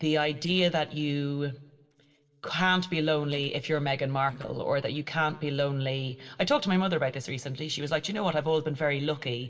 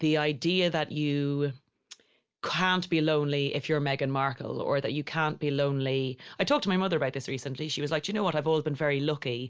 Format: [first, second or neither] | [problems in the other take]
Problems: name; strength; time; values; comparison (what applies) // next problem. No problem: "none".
second | noise reduction (neural separator model SepFormer DNS4)